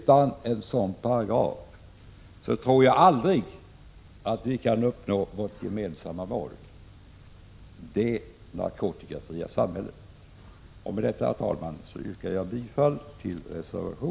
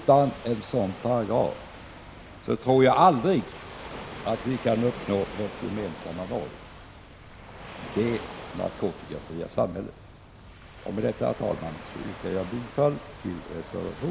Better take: first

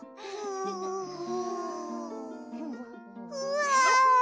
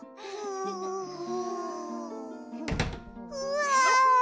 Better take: first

